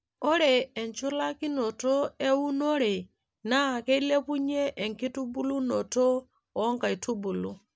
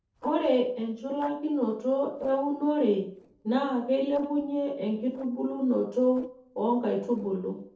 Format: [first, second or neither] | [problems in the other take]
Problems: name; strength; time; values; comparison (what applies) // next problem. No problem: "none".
first | noise reduction (neural separator model SepFormer DNS4)